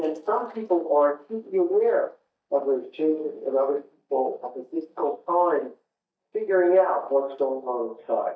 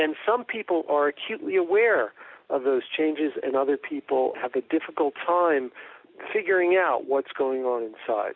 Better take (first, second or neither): second